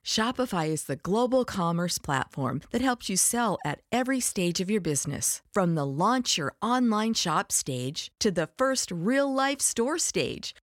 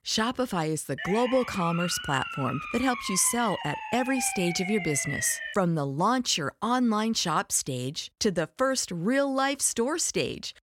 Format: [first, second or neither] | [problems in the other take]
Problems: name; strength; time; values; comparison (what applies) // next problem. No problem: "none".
first | siren; noticeable; from 1 to 5.5 s; peak 5 dB below the speech